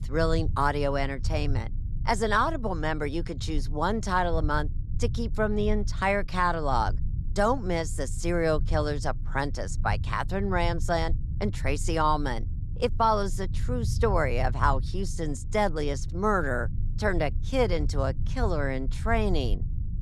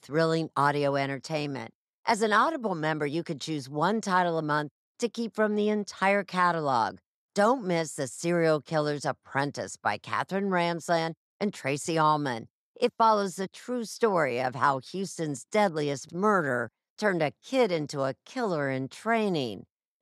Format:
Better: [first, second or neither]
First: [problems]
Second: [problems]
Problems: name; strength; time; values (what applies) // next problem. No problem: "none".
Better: second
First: low rumble; faint; throughout; 20 dB below the speech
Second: none